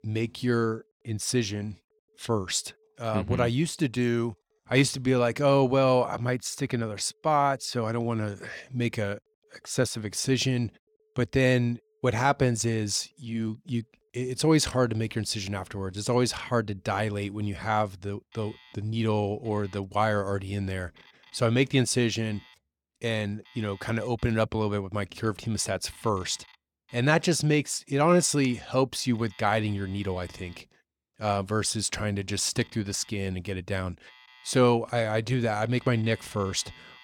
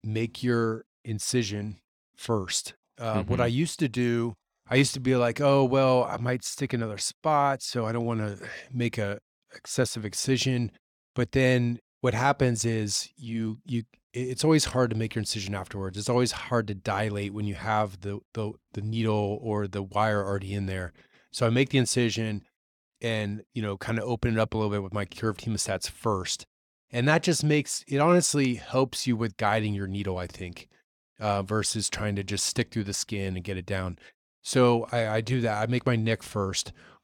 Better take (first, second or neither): second